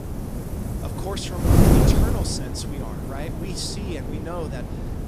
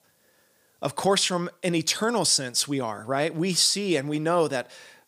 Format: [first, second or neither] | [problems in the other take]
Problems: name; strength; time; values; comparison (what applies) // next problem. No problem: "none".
second | wind noise on the microphone; heavy; 4 dB above the speech